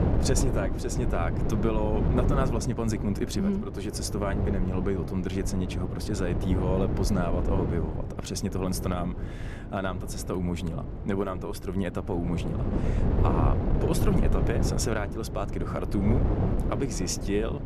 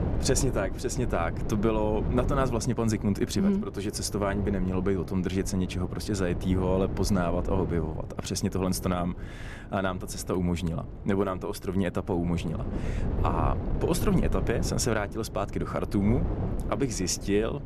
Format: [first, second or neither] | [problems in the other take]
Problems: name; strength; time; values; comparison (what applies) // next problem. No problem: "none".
second | wind noise on the microphone; heavy; 4 dB below the speech; occasional gusts in the second